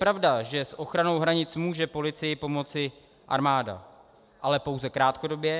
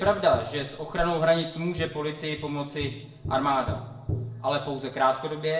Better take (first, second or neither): first